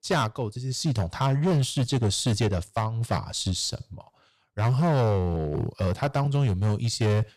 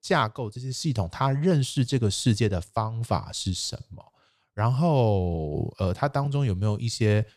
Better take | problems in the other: second | distortion; slight; 11% of the sound clipped

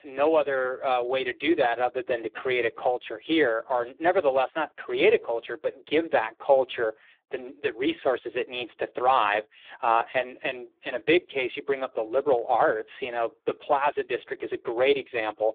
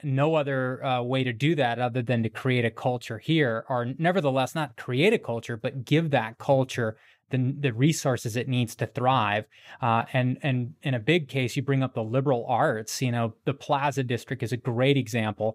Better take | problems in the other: second | phone-call audio; poor line; nothing above 3.5 kHz

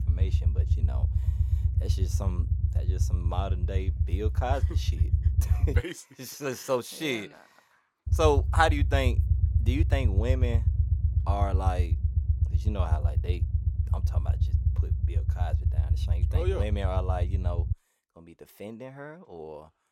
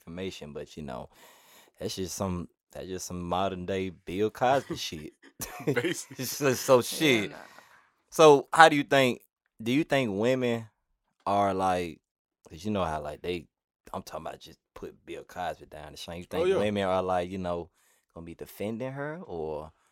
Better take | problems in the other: second | low rumble; noticeable; until 6 s and from 8 to 18 s; 10 dB below the speech

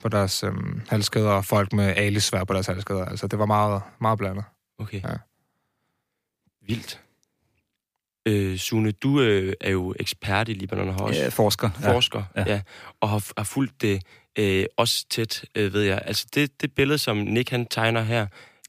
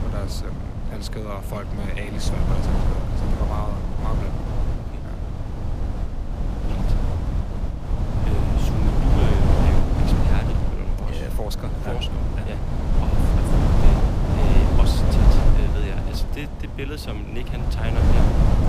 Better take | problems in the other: first | wind noise on the microphone; heavy; 4 dB above the speech

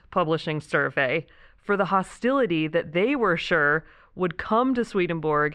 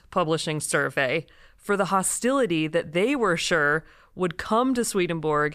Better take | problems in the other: second | muffled; slightly; fading above 2.5 kHz

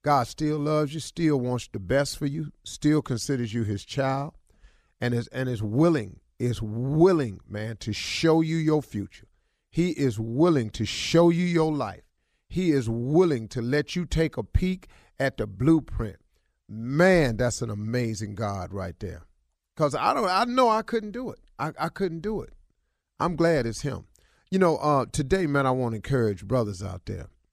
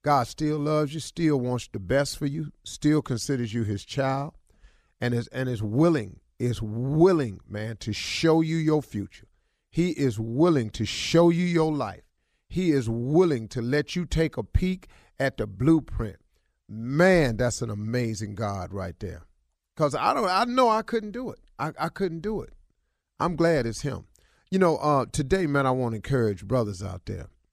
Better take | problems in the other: neither | none

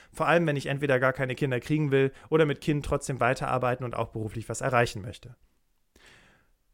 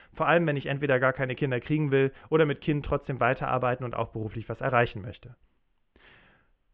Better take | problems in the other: first | muffled; very; fading above 3 kHz

